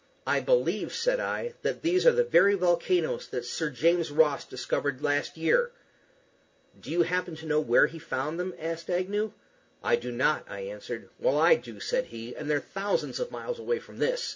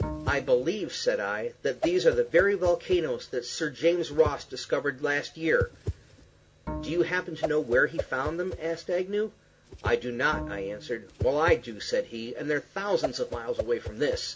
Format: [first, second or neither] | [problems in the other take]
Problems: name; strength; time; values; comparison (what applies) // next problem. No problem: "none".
first | background sound (Whoosh, swoosh, swish + Bowed string instrument); 10 dB below the speech